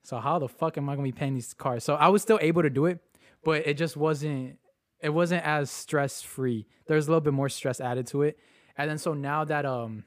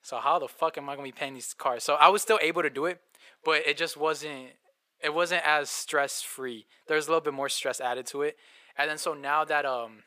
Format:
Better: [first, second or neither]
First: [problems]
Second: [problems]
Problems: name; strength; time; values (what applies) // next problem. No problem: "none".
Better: first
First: none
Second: thin; very; fading below 650 Hz